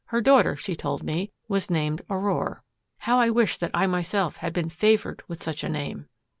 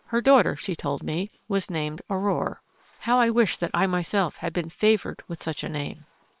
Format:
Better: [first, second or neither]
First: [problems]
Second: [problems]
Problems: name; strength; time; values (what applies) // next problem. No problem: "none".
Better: first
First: none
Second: noise reduction (neural separator model SepFormer WHAM!)